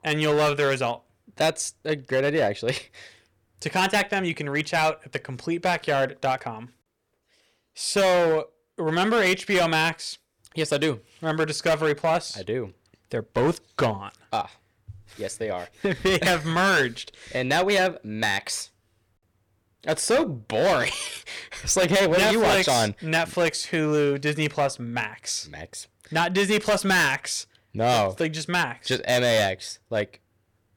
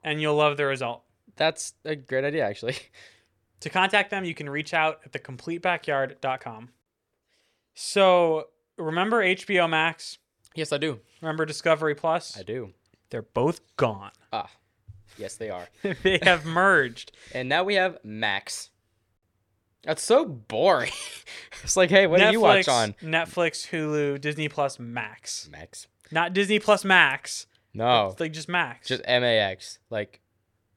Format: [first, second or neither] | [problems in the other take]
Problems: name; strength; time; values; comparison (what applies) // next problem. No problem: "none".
second | distortion; heavy; 9% of the sound clipped